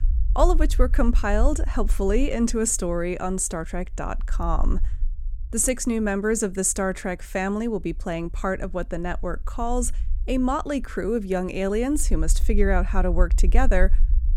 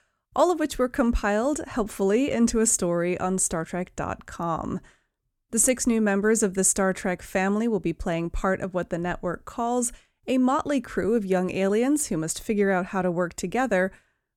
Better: second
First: low rumble; faint; throughout; 25 dB below the speech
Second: none

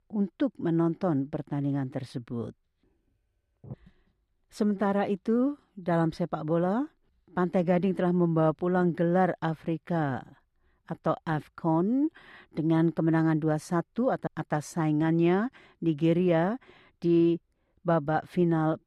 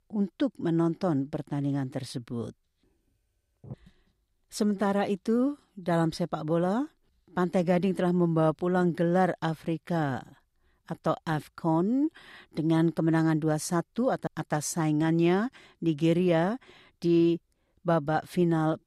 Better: second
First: muffled; slightly; fading above 3.5 kHz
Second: none

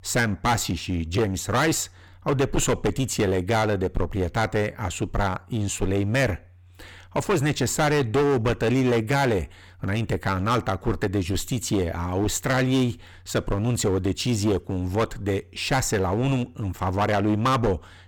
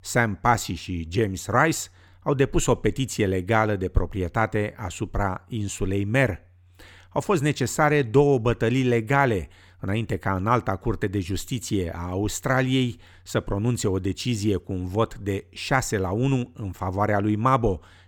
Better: second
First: distortion; heavy; 13% of the sound clipped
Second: none

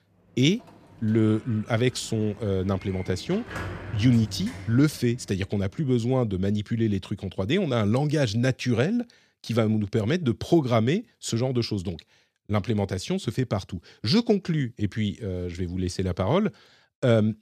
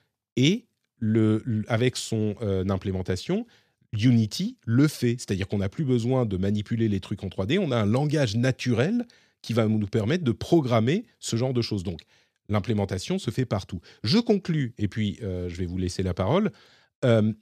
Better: second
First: door banging; noticeable; from 0.5 to 5.5 s; peak 8 dB below the speech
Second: none

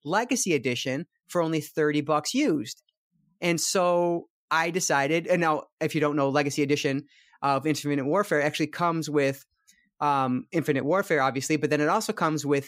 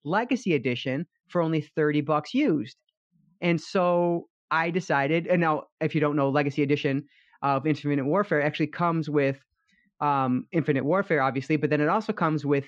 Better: first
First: none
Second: muffled; slightly; fading above 3.5 kHz

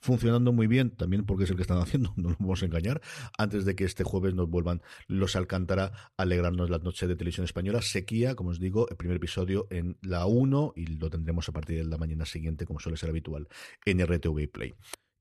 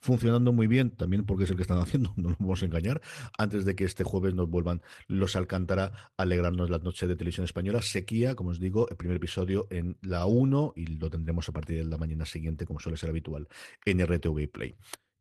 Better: first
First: none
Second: garbled, watery; slightly; nothing above 13.5 kHz

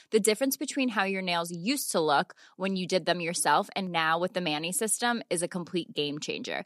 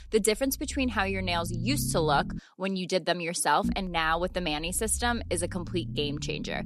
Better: first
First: none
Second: low rumble; noticeable; until 2.5 s and from 3.5 s on; 15 dB below the speech

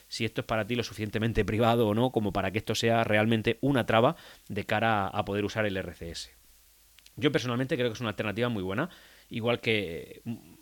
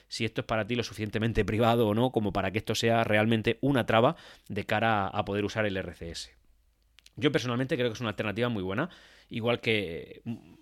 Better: second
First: hiss; faint; throughout; 30 dB below the speech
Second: none

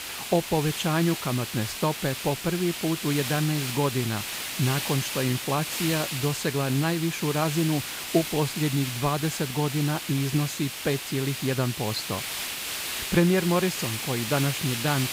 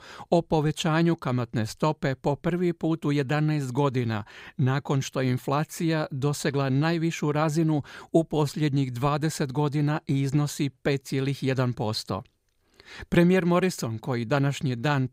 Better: second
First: hiss; loud; throughout; 4 dB below the speech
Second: none

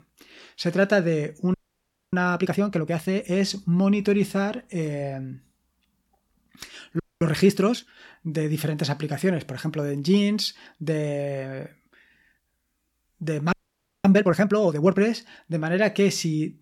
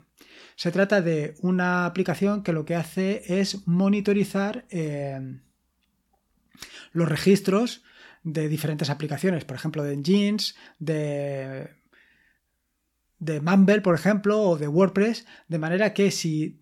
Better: second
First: audio freezing; at 1.5 s for 0.5 s, at 7 s and at 14 s for 0.5 s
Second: none

